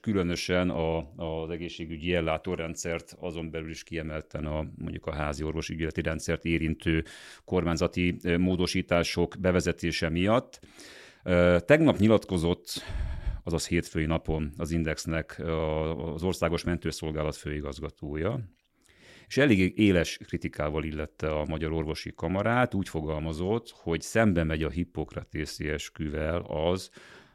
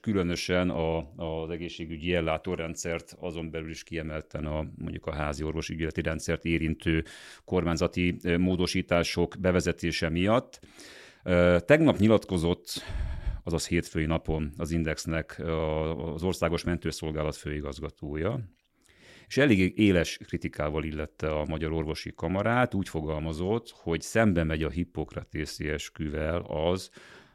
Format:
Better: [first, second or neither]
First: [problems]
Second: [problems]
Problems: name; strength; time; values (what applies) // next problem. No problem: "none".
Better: neither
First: none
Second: none